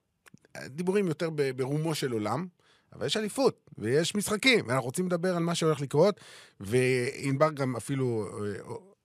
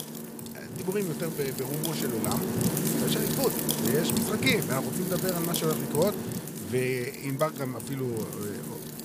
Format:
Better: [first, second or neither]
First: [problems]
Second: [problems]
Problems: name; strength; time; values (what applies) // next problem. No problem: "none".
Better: first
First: none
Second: wind noise on the microphone; heavy; 3 dB below the speech